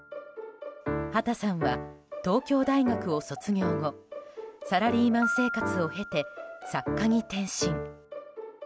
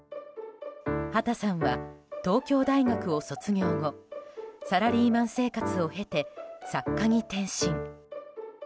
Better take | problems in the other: second | background sound (Piano); 13 dB below the speech

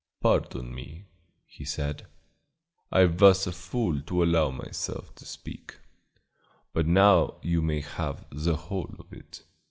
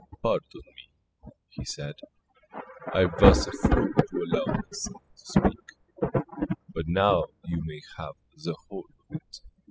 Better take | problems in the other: first | noise reduction (classical method spectral subtraction)

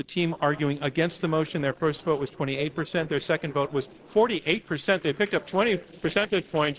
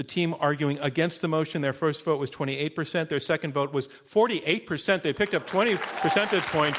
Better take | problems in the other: second | noise reduction (neural separator model SepFormer DNS4)

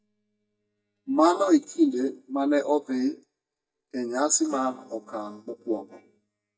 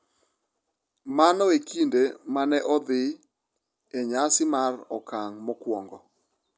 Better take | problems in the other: second | noise reduction (neural mask model DeepFilterNet 3)

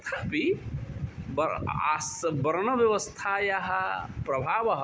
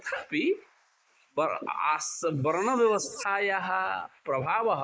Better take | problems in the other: first | noise reduction (neural mask model Resemble Enhance denoiser)

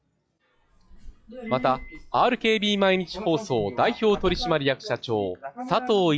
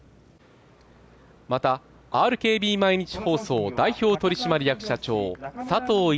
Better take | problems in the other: second | noise reduction (classical method log-MMSE)

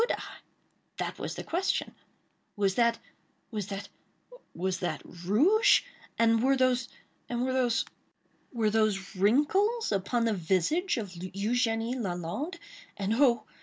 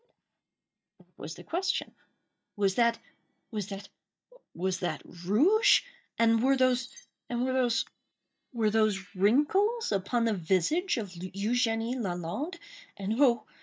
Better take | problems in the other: first | noise reduction (neural mask model DeepFilterNet 3)

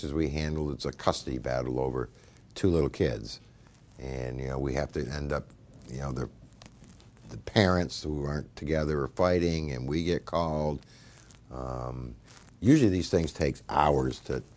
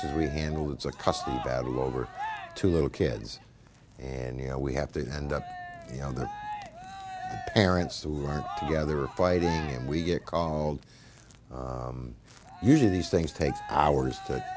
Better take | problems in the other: first | background sound (Cheering); 12 dB below the speech

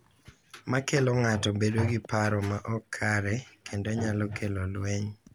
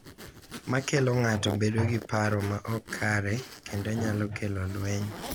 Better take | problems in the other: first | background sound (Zipper (clothing)); 14 dB below the speech

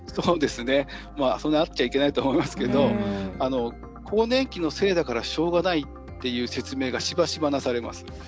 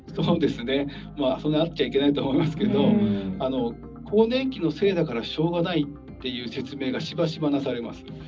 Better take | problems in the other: first | room echo; dies away in 0.4 s

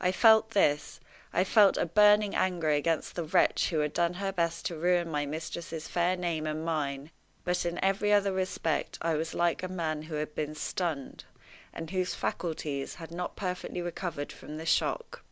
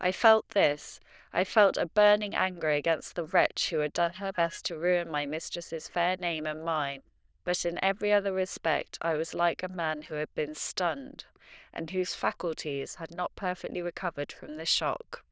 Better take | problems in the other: first | noise reduction (neural diffusion model UNIVERSE++)

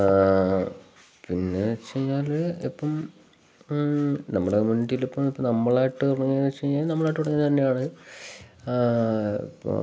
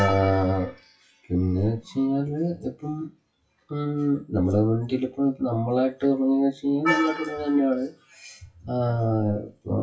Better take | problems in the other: first | noise reduction (classical method WPE with log-MMSE)

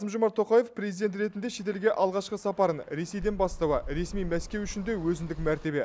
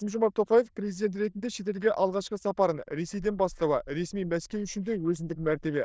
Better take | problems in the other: first | noise reduction (neural diffusion model UNIVERSE++)

